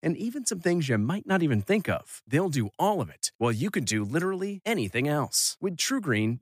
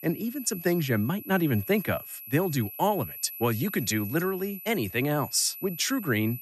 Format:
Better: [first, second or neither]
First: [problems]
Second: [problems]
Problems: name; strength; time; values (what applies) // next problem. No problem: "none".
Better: first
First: none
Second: high-pitched whine; noticeable; throughout; 12 kHz, 10 dB below the speech